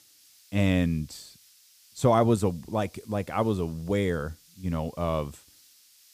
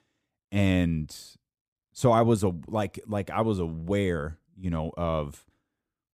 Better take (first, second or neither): second